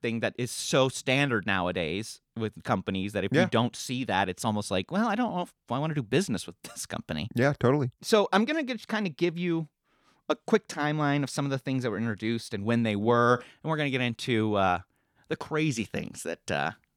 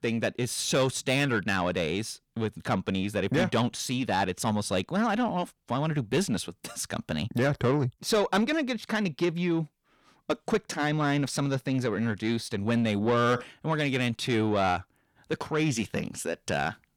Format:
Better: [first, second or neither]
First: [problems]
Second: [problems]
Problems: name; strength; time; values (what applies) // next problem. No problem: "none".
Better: first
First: none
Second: distortion; slight; 10 dB below the speech